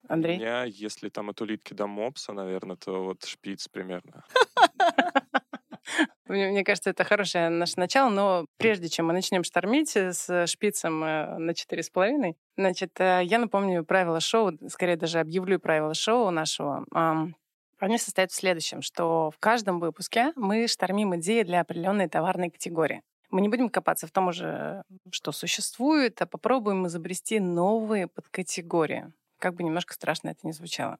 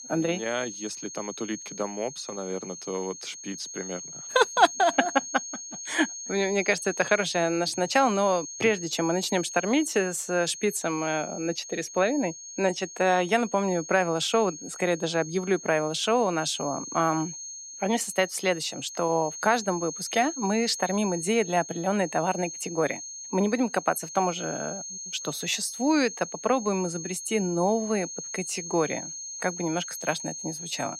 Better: first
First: none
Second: high-pitched whine; loud; throughout; 6.5 kHz, 9 dB below the speech

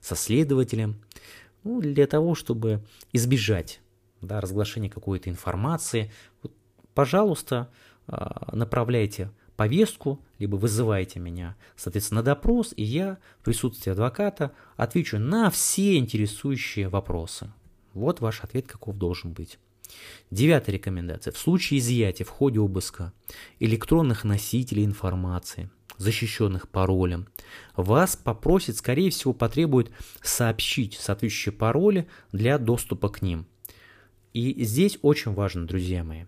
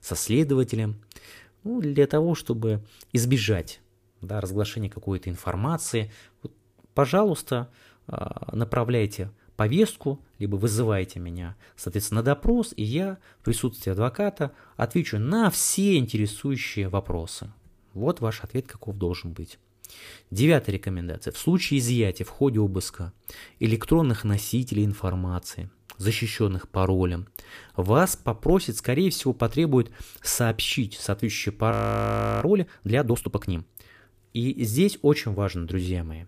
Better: first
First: none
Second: audio freezing; at 32 s for 0.5 s

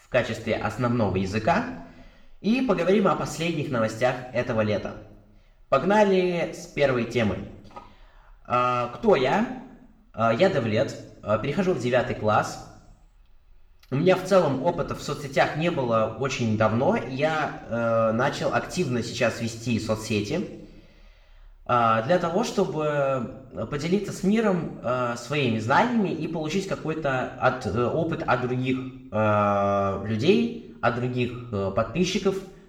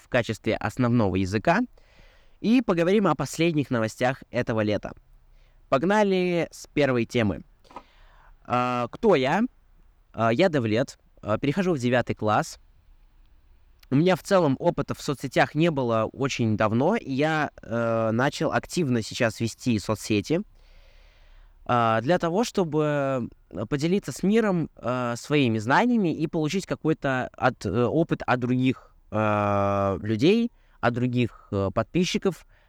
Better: second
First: room echo; slight; dies away in 0.6 s // off-mic speech; somewhat distant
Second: none

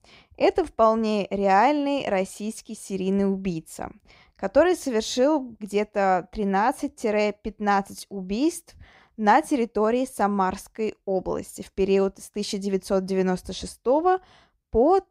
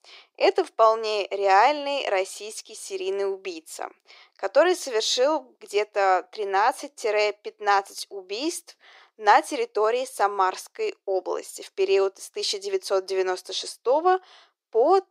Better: first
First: none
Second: thin; very; fading below 350 Hz

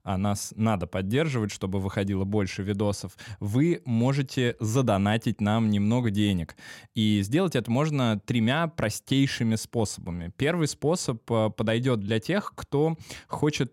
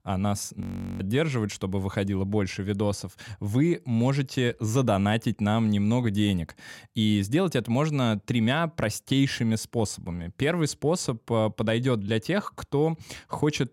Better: first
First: none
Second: audio freezing; at 0.5 s

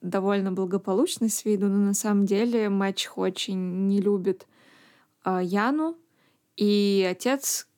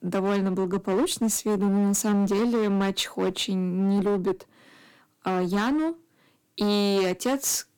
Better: first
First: none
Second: distortion; slight; 18% of the sound clipped

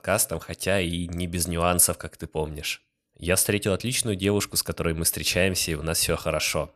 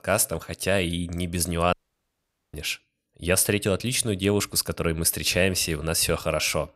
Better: first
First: none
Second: audio cutting out; at 1.5 s for 1 s

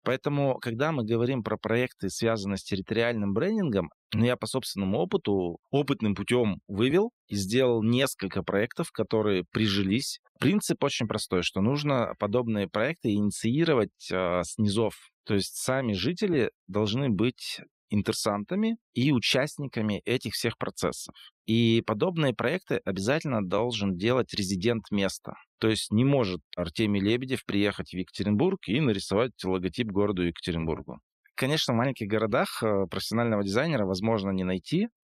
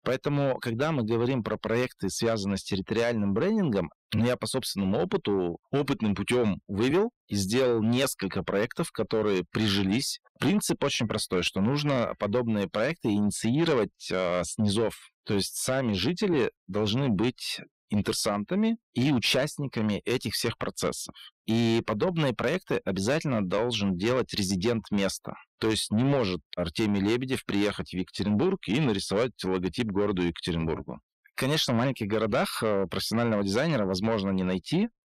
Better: first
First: none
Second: distortion; slight; 10 dB below the speech

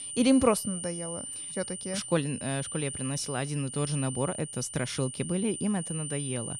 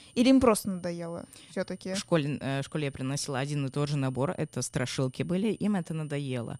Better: second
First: high-pitched whine; loud; throughout; 9 kHz, 6 dB below the speech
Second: high-pitched whine; faint; throughout; 9 kHz, 30 dB below the speech

